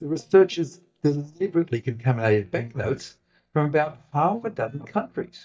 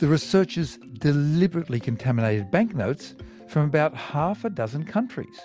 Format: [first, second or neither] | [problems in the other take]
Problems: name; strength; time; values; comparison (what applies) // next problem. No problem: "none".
second | noise reduction (neural mask model DeepFilterNet 3)